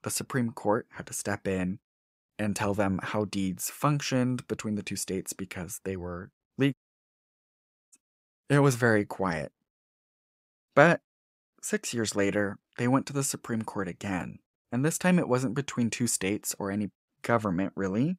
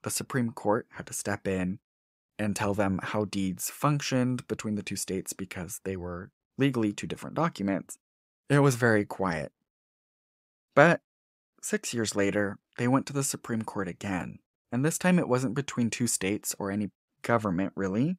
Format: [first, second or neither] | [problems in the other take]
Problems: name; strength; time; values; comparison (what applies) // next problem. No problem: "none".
second | audio cutting out; at 6.5 s for 1 s